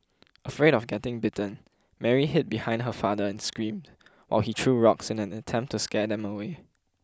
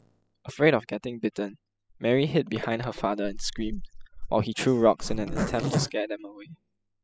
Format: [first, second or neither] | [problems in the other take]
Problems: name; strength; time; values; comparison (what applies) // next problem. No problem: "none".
first | noise reduction (classical method spectral subtraction)